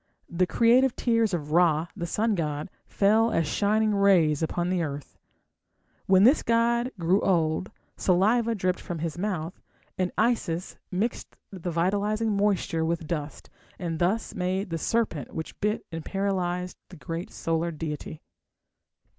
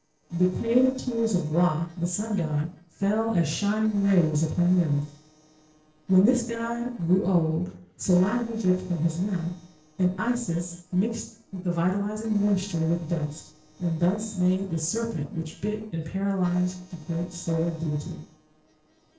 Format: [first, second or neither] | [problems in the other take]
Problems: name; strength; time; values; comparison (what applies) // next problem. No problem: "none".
first | noise reduction (neural separator model SepFormer DNS4)